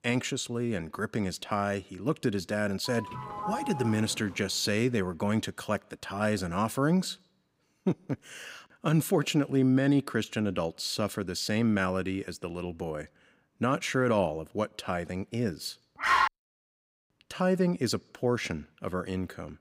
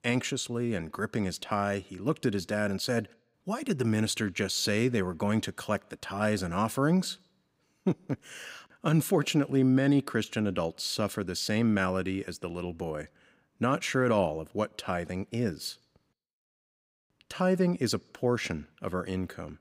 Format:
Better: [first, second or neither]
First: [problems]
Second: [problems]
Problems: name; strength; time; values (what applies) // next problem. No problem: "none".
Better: second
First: doorbell; noticeable; from 3 to 4.5 s; peak 5 dB below the speech // dog barking; loud; at 16 s; peak 5 dB above the speech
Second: none